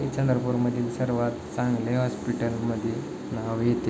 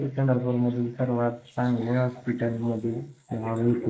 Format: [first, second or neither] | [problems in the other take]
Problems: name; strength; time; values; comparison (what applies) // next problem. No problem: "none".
first | noise reduction (neural mask model Resemble Enhance denoiser)